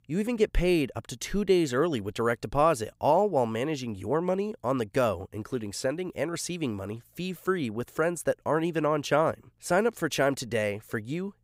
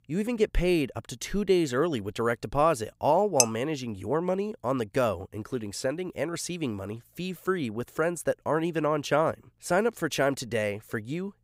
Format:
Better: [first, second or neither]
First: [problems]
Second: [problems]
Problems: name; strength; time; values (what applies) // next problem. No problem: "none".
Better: first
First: none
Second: clattering dishes; very faint; at 3.5 s; peak 3 dB above the speech